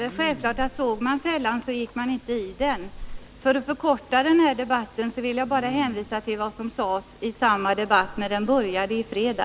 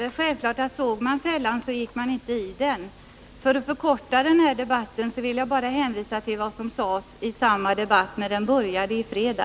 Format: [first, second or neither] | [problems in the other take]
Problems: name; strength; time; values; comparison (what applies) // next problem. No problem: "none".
second | background sound (Respiratory sounds); 17 dB below the speech